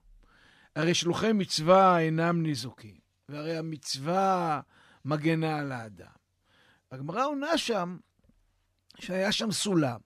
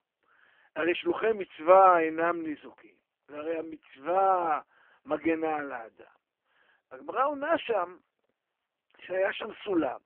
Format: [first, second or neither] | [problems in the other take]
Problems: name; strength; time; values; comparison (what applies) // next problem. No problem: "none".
first | phone-call audio; poor line; nothing above 3.5 kHz